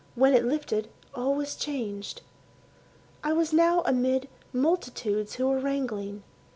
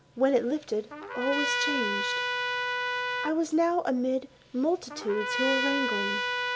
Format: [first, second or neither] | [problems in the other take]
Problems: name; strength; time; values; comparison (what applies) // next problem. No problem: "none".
first | background sound (Trumpet); 2 dB below the speech